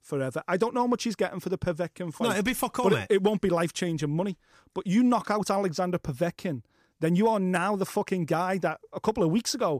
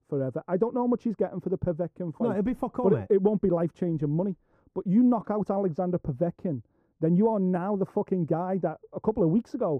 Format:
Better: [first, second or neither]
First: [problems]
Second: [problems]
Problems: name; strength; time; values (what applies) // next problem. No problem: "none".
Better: first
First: none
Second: muffled; very; fading above 1.5 kHz